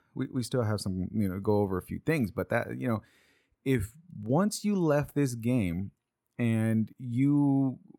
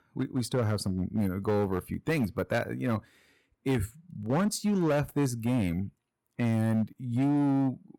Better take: first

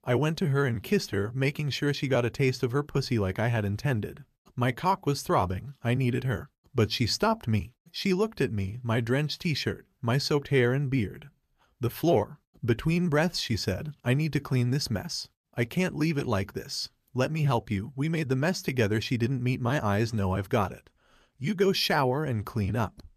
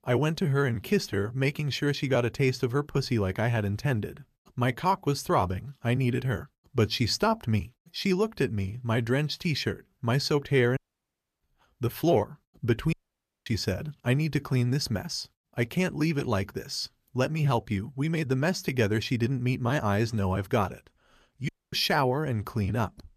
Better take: first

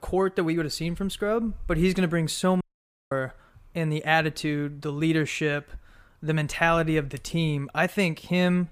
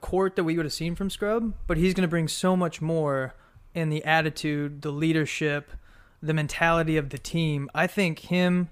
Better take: second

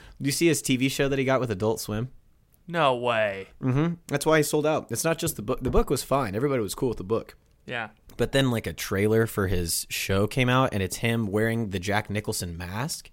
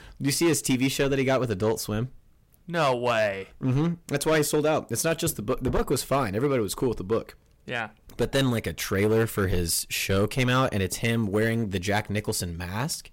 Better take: first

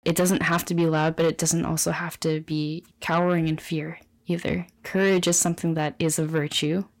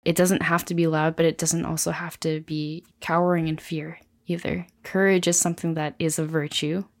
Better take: second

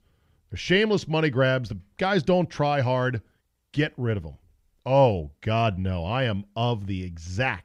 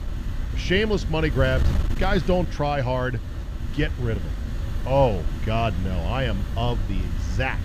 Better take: first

